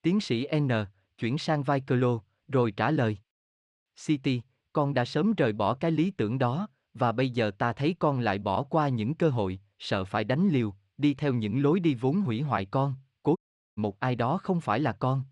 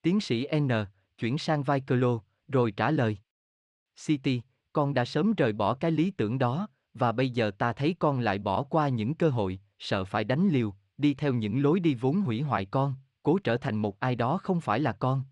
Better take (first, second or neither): second